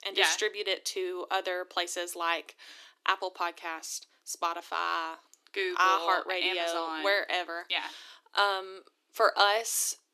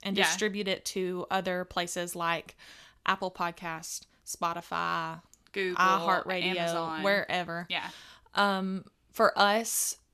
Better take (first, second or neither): second